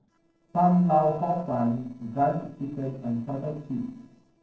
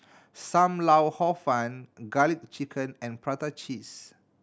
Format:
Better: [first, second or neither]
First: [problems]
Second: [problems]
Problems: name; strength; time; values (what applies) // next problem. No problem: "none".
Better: second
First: noise reduction (neural separator model SepFormer DNS4)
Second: none